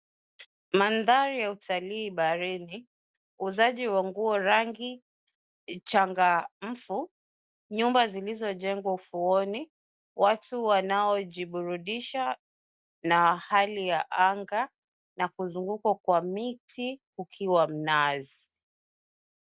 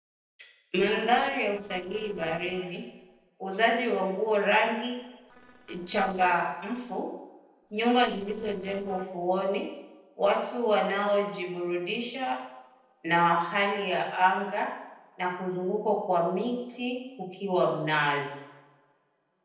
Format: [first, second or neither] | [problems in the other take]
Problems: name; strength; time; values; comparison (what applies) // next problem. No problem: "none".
first | noise reduction (neural separator model SepFormer DNS4)